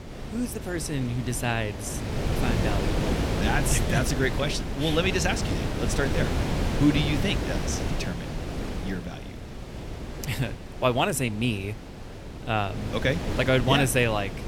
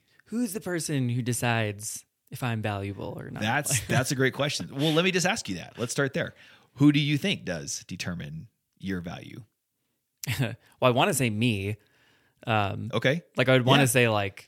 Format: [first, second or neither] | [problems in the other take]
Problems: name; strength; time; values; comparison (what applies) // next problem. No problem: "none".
second | wind noise on the microphone; heavy; 7 dB below the speech